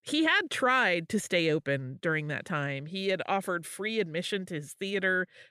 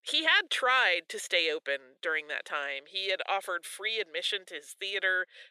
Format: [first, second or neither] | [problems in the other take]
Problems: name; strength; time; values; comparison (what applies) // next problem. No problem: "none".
first | thin; very; fading below 450 Hz